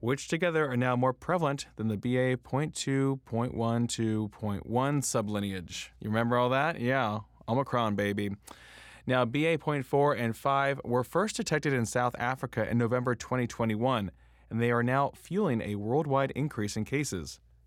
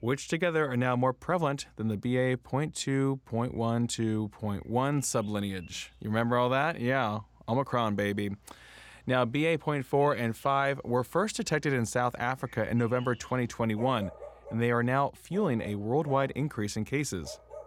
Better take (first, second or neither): first